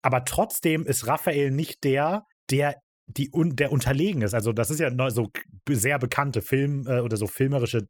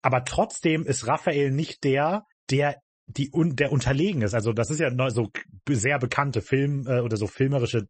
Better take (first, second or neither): first